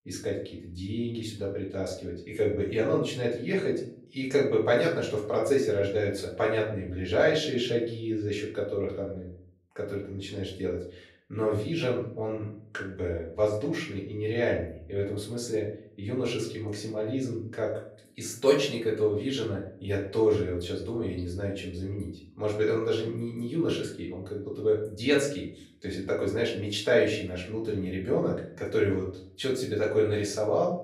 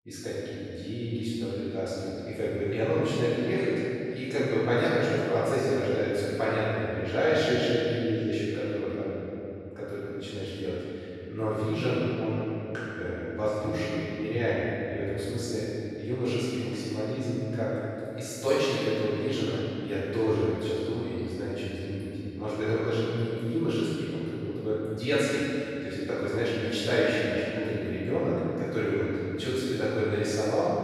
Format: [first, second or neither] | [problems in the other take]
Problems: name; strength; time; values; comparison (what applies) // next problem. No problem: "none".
first | room echo; strong; dies away in 2.8 s; slight in the first // off-mic speech; far; far in the first